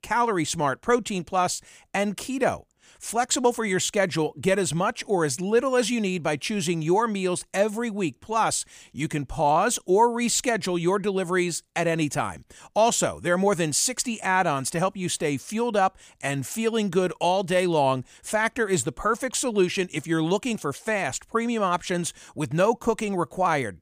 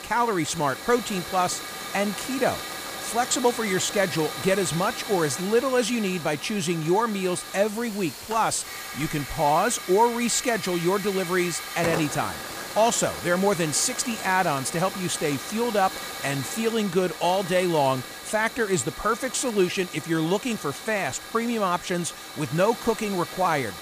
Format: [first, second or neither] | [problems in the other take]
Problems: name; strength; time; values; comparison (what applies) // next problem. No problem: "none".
first | hiss; loud; throughout; 9 dB below the speech